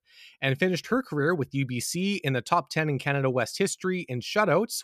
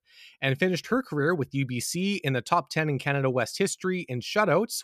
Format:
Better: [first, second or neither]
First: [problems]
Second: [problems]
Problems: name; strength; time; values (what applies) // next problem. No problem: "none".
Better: neither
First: none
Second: none